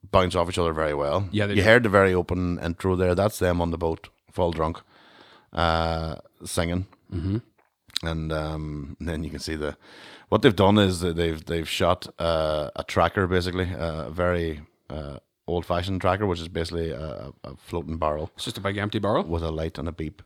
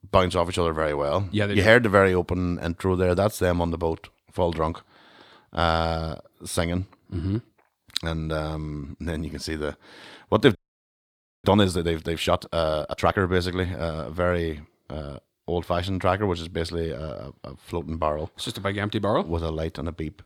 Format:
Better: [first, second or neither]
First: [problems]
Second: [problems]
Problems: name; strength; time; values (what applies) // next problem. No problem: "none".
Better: first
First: none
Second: audio freezing; at 11 s for 1 s